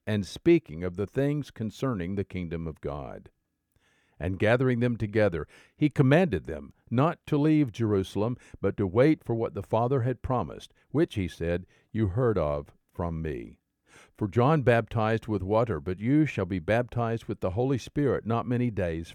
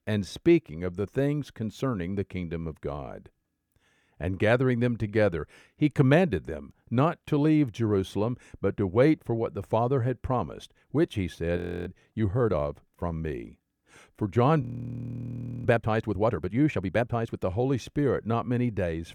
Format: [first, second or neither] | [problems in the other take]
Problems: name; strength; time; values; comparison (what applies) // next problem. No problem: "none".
first | audio freezing; at 12 s and at 15 s for 1 s